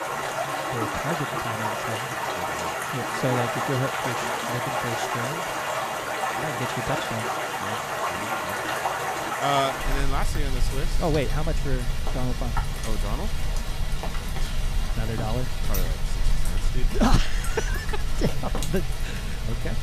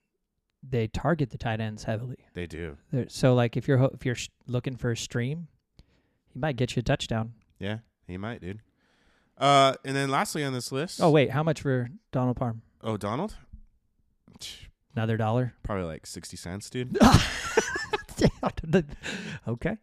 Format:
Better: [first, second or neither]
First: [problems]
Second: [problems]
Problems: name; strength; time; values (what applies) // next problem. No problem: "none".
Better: second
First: rain or running water; very loud; throughout; 3 dB above the speech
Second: none